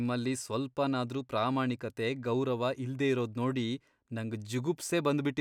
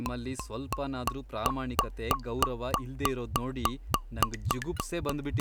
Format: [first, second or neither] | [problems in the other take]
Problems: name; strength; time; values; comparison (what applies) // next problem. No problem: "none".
first | background sound (Gurgling / Liquid); 2 dB above the speech